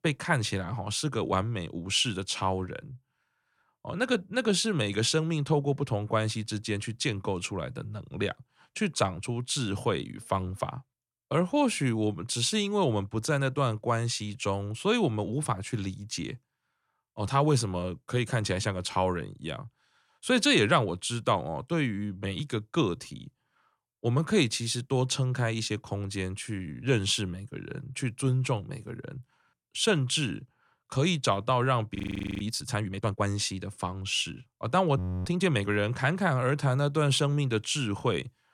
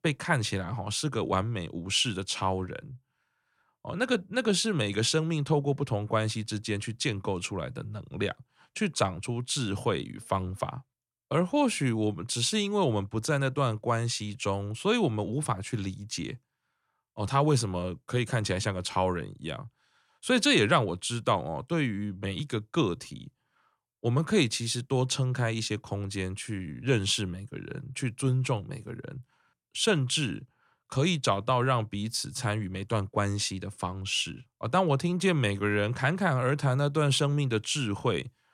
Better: second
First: audio freezing; at 32 s and at 35 s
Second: none

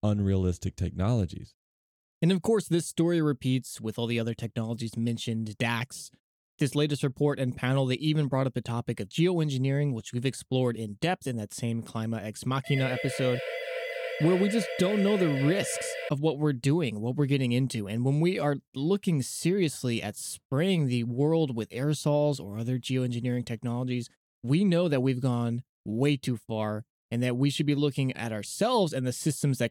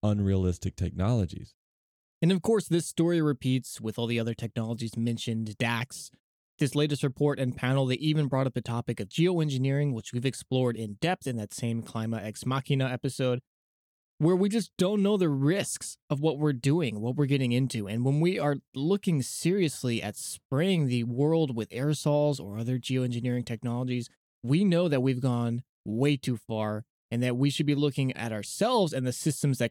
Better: second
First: siren; noticeable; from 13 to 16 s; peak 5 dB below the speech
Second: none

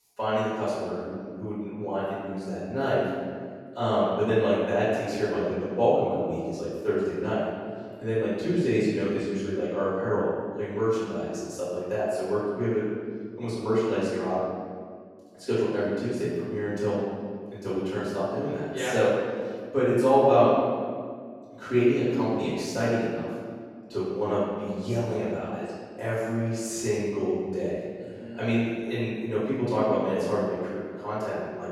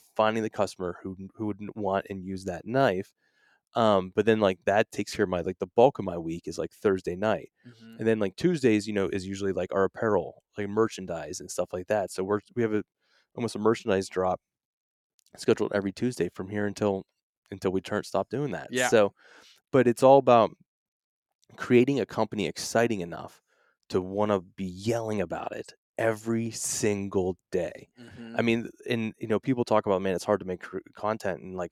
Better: second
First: off-mic speech; far // room echo; strong; dies away in 1.8 s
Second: none

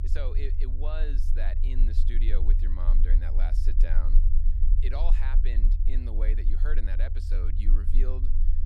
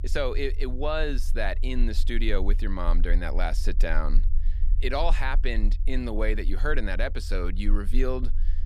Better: second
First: low rumble; loud; throughout; 7 dB below the speech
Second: low rumble; faint; throughout; 20 dB below the speech

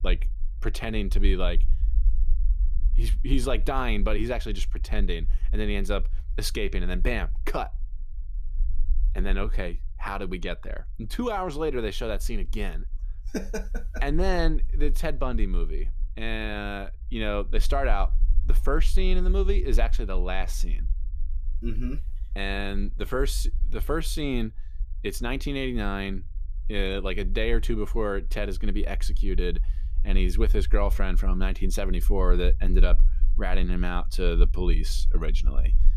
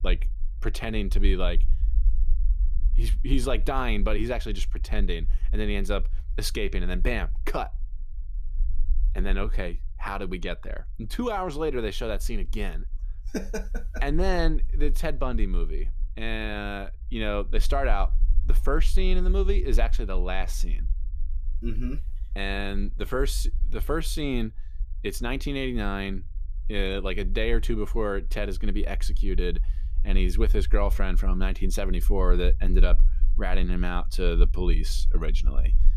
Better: neither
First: low rumble; faint; throughout; 25 dB below the speech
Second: low rumble; faint; throughout; 25 dB below the speech

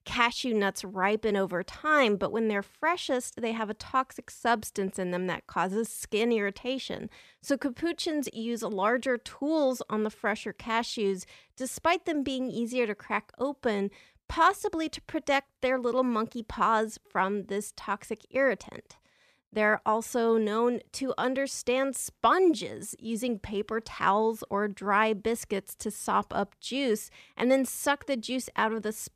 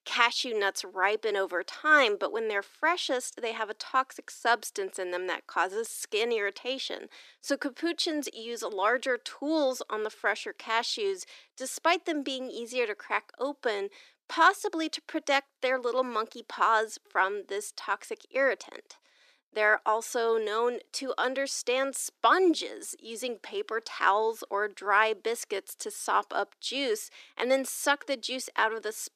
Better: first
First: none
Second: thin; somewhat; fading below 300 Hz

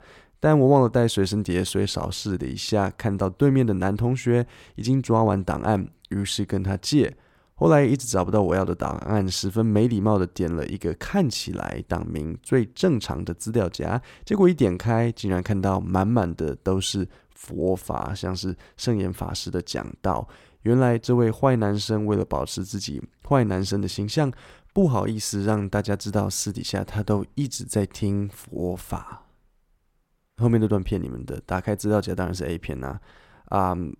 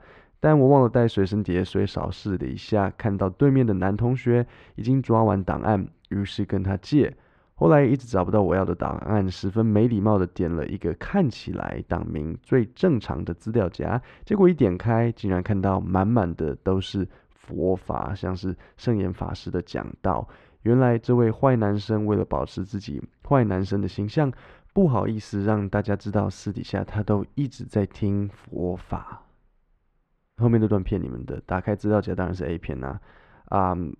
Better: first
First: none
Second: muffled; slightly; fading above 2.5 kHz

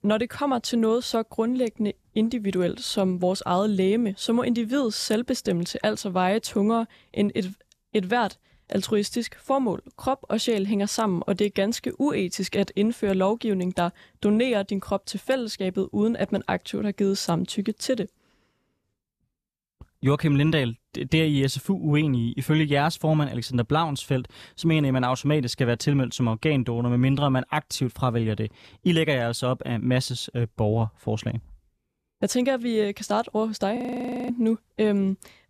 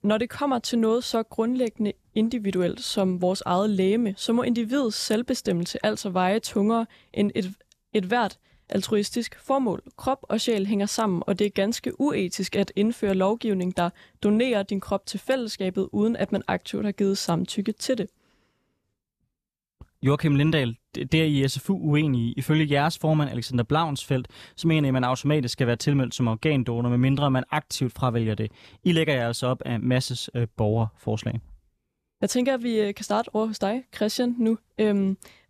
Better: second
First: audio freezing; at 34 s for 0.5 s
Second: none

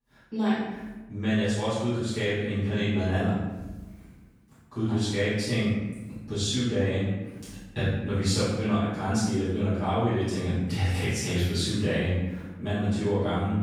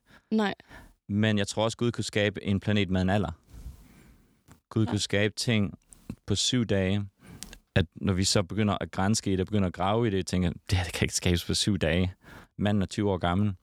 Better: second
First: off-mic speech; far // room echo; strong; dies away in 1 s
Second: none

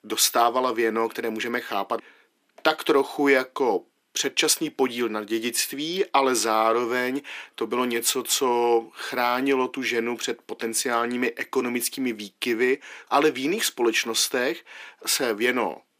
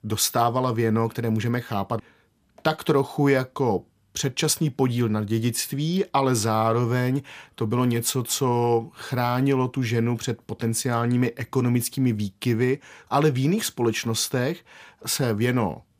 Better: second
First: thin; somewhat; fading below 300 Hz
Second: none

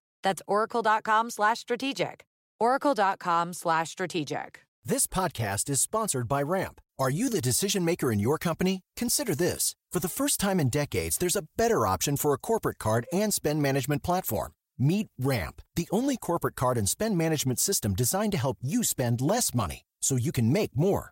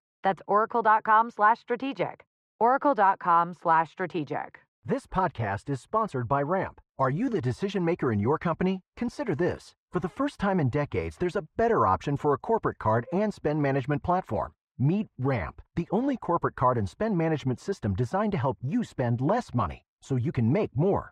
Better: first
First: none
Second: muffled; very; fading above 1.5 kHz

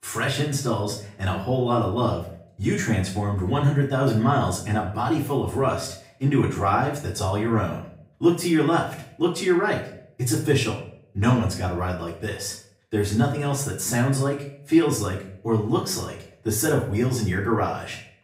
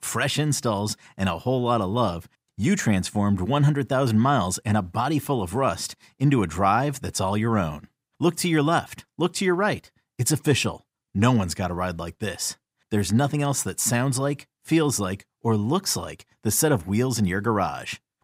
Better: second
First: off-mic speech; far // room echo; slight; dies away in 0.5 s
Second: none

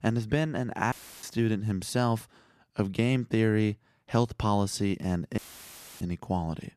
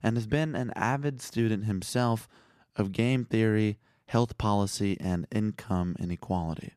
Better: second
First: audio cutting out; filled with static; at 1 s and at 5.5 s for 0.5 s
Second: none

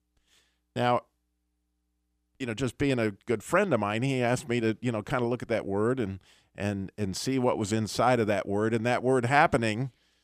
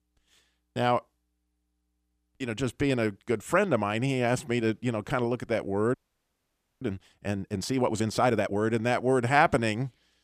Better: first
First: none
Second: audio freezing; at 6 s for 1 s

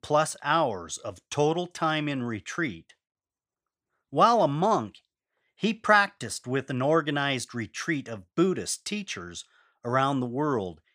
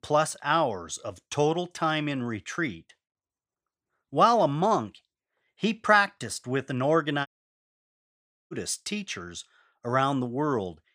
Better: first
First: none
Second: audio cutting out; at 7.5 s for 1 s

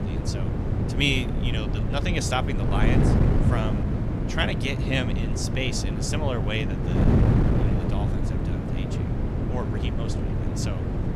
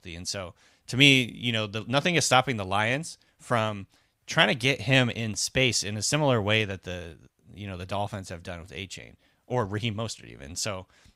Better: second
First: wind noise on the microphone; heavy; 3 dB below the speech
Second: none

